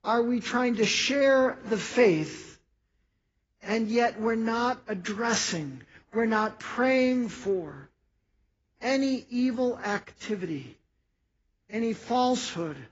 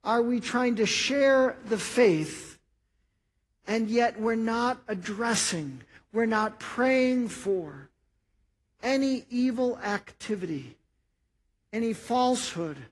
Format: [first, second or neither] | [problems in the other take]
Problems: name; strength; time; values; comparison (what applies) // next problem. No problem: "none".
second | garbled, watery; badly; nothing above 7.5 kHz; slightly in the second